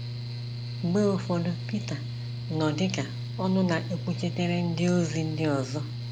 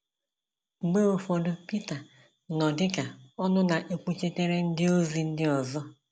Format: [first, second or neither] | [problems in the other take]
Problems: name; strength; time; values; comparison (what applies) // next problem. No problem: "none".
second | background sound (Mechanical fan); 5 dB below the speech